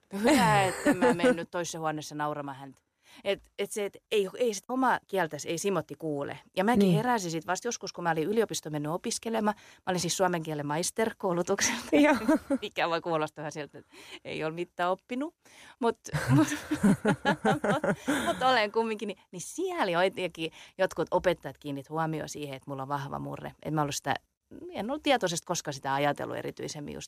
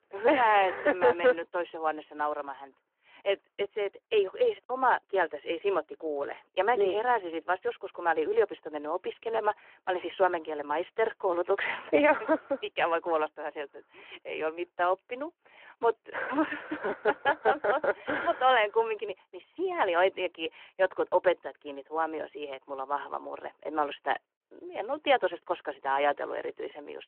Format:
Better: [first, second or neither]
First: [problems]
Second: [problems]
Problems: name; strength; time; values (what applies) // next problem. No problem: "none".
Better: first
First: none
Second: phone-call audio